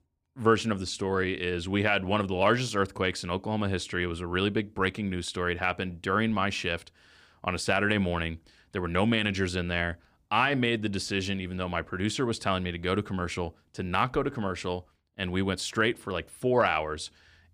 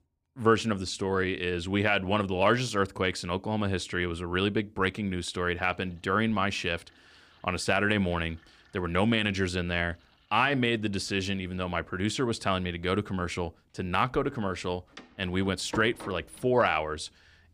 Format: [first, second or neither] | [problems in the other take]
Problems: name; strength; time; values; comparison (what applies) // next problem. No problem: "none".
first | household noises; noticeable; from 5 s on; 20 dB below the speech